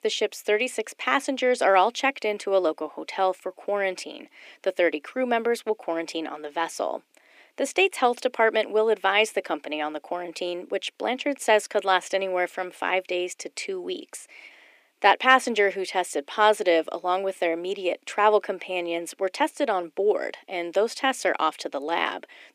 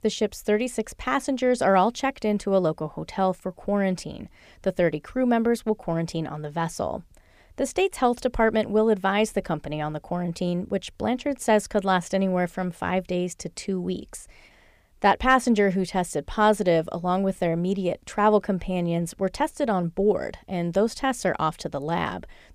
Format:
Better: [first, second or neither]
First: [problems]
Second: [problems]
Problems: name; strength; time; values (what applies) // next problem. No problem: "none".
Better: second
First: thin; somewhat; fading below 300 Hz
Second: none